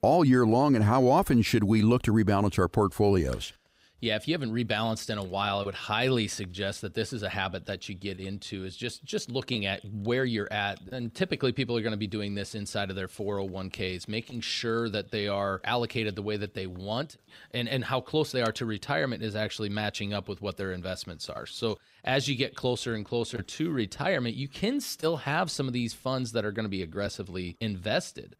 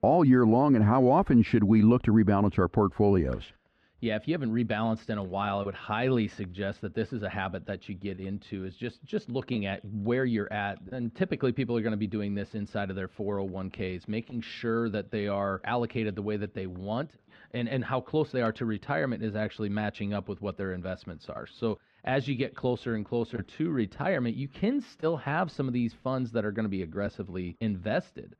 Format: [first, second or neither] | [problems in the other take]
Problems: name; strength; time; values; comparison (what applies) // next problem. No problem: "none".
first | muffled; very; fading above 2 kHz